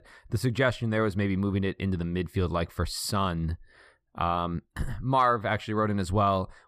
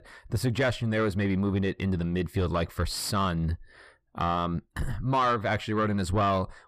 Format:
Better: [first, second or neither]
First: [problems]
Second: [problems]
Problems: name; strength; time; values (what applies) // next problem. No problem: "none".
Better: first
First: none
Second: distortion; slight; 10 dB below the speech